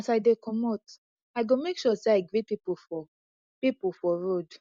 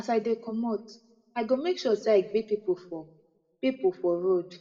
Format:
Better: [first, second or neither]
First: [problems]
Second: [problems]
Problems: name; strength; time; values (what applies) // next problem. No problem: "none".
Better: first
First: none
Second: room echo; dies away in 0.7 s